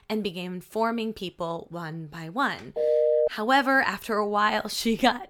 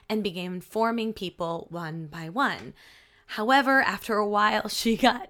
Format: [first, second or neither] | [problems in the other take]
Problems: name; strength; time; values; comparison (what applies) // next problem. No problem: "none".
second | phone ringing; loud; at 3 s; peak 4 dB above the speech